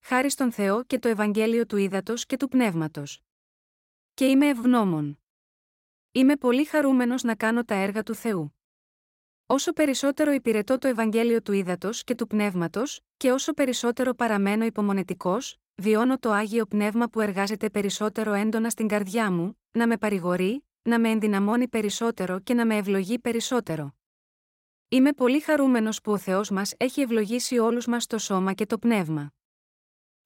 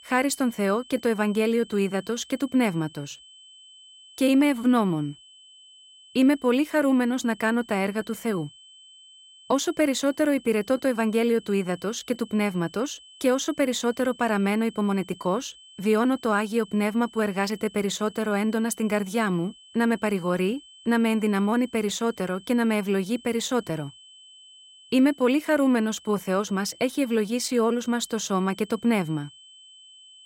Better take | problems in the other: first | high-pitched whine; faint; throughout; 3 kHz, 25 dB below the speech

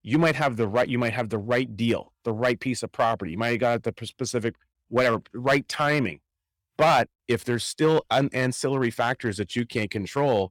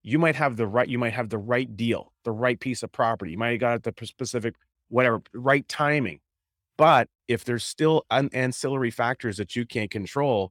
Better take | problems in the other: second | distortion; slight; 2% of the sound clipped

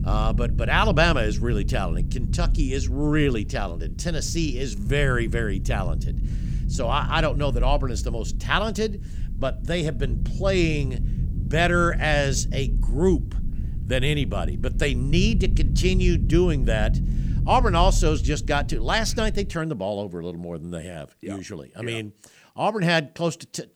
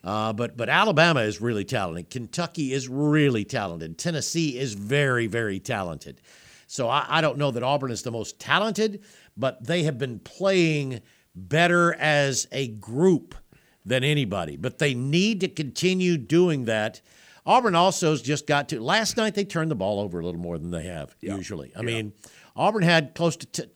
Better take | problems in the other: second | low rumble; noticeable; until 20 s; 15 dB below the speech

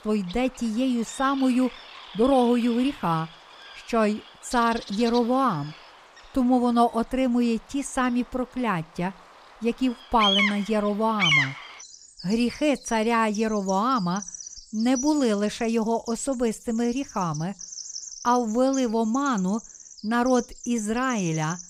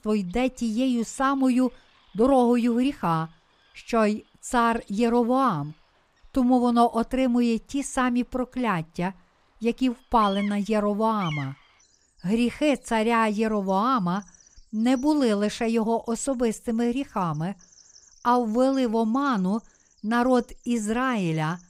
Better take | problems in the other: second | animal sounds; loud; throughout; 7 dB below the speech; faint in the second

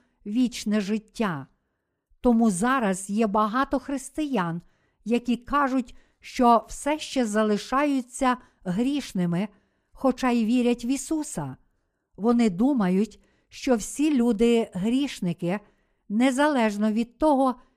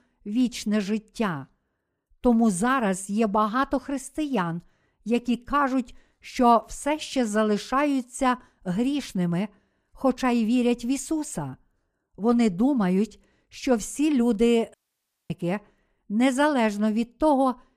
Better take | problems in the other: first | audio cutting out; at 15 s for 0.5 s

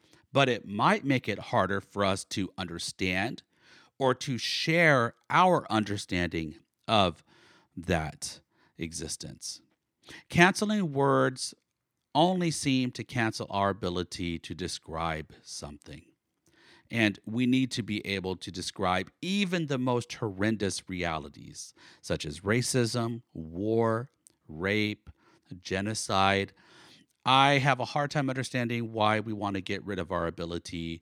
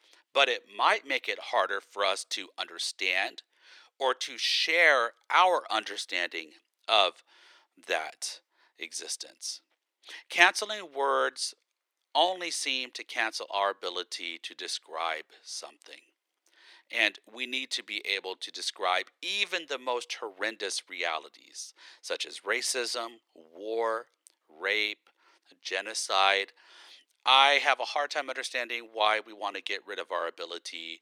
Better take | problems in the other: first | thin; very; fading below 450 Hz

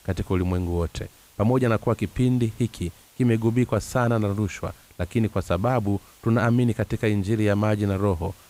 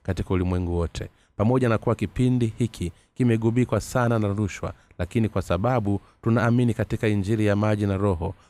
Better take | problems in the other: second | hiss; faint; throughout; 30 dB below the speech

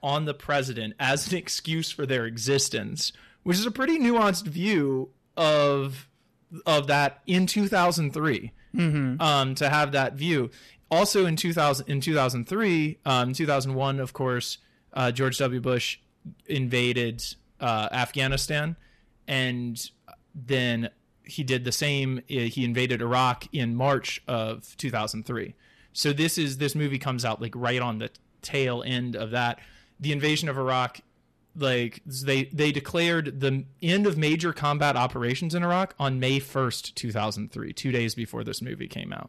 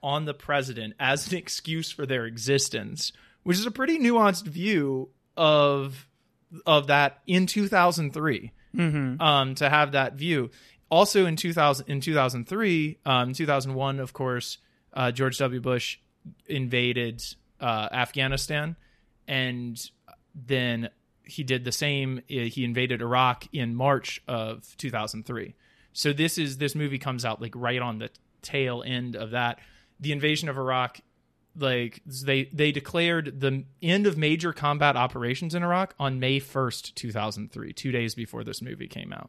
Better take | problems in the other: second | distortion; slight; 10 dB below the speech

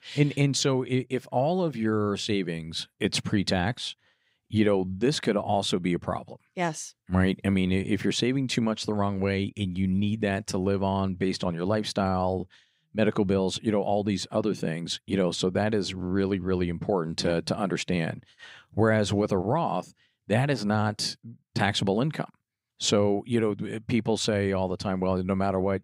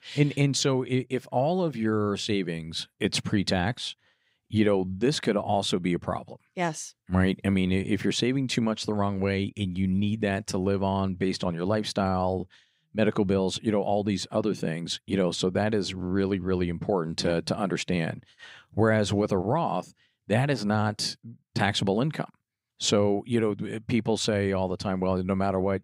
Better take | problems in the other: neither | none

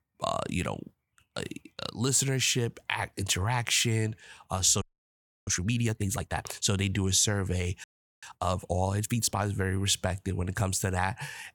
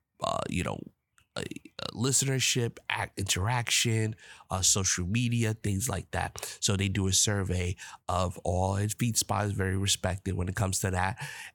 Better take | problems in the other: second | audio freezing; at 5 s for 0.5 s and at 8 s

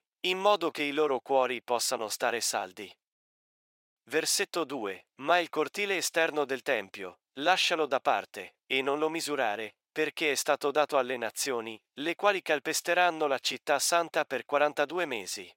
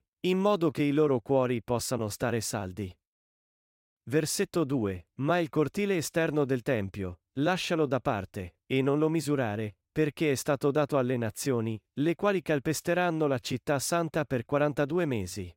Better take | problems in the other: second | thin; somewhat; fading below 500 Hz

